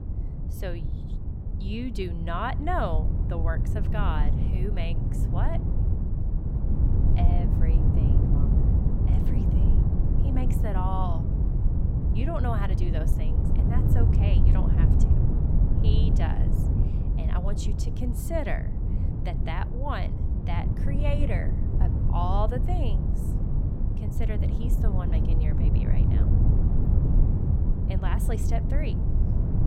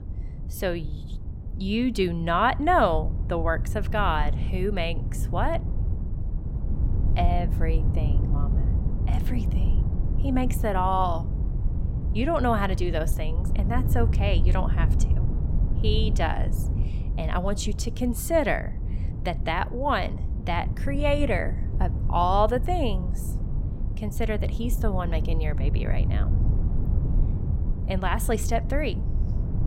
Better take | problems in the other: second | wind noise on the microphone; heavy; 3 dB below the speech; occasional gusts in the second

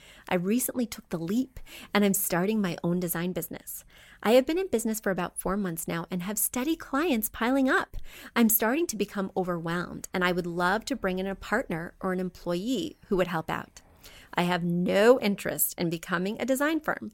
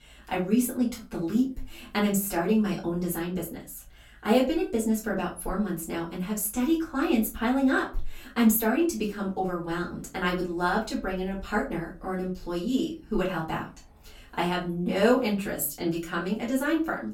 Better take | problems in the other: first | off-mic speech; far // room echo; very slight; dies away in 0.3 s

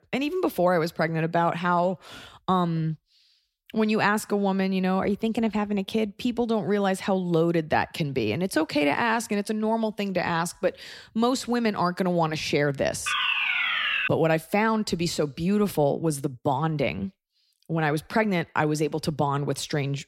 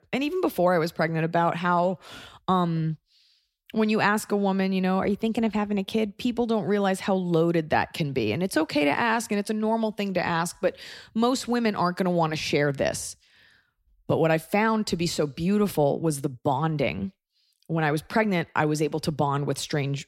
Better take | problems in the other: second | alarm; loud; from 13 to 14 s; peak 3 dB above the speech

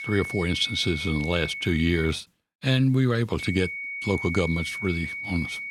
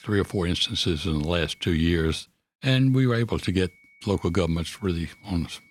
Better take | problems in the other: second | high-pitched whine; loud; until 2 s and from 3.5 s on; 2 kHz, 6 dB below the speech; faint in the second

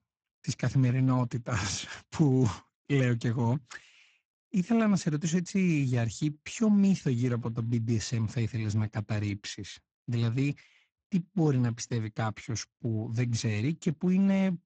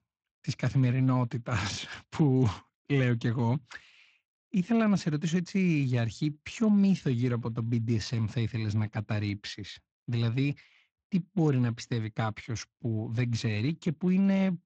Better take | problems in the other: second | garbled, watery; badly; nothing above 7.5 kHz; slightly in the second

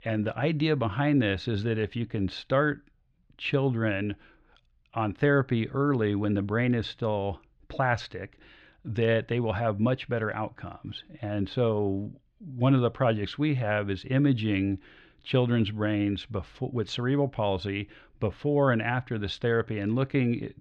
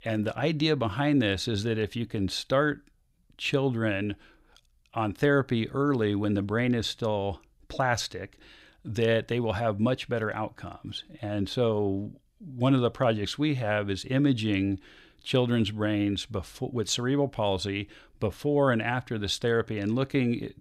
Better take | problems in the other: second | muffled; slightly; fading above 2.5 kHz

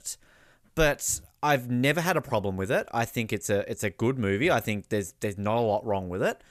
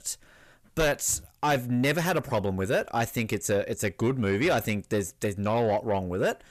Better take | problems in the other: first | distortion; slight; 10 dB below the speech

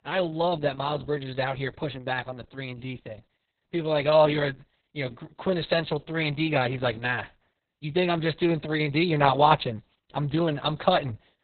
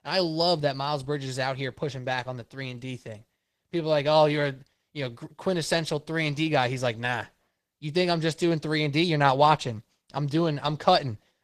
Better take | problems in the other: second | garbled, watery; badly; nothing above 4 kHz; slightly in the second

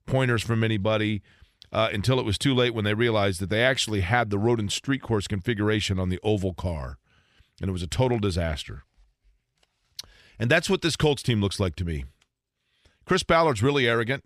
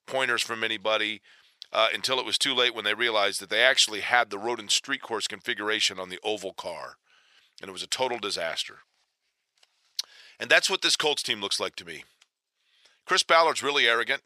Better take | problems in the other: first | thin; very; fading below 650 Hz

